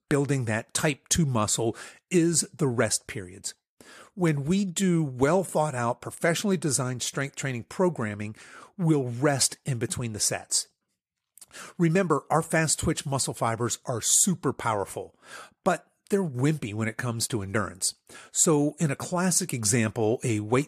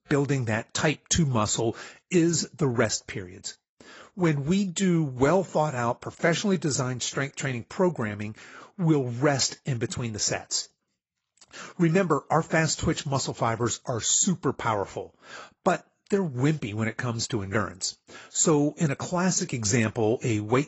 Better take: first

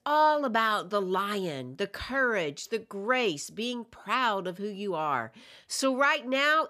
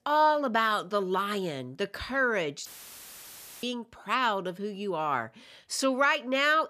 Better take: first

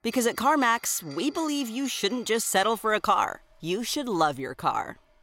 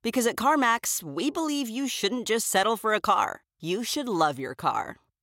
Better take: second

